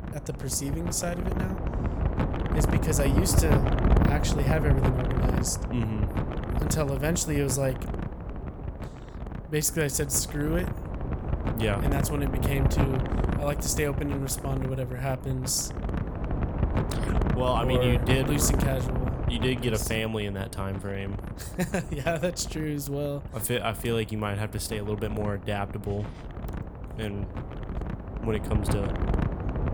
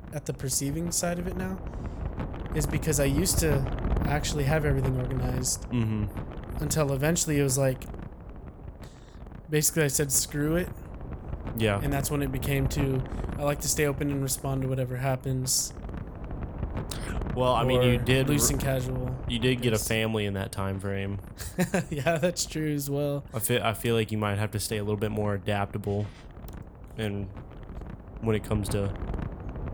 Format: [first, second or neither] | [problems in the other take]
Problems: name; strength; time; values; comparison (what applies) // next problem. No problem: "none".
second | wind noise on the microphone; heavy; 5 dB below the speech; occasional gusts in the second